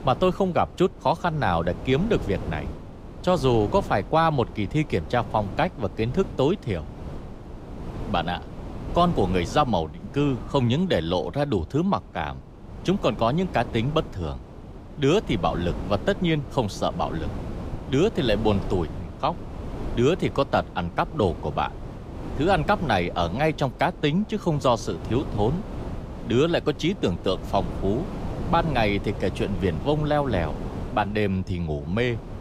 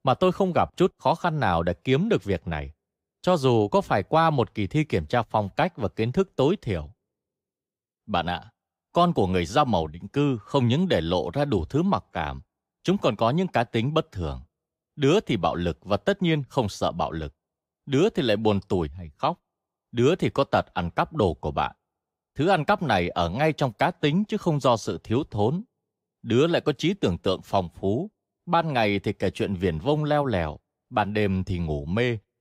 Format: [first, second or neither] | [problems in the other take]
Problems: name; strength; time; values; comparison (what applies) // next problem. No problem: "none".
second | wind noise on the microphone; occasional gusts; 15 dB below the speech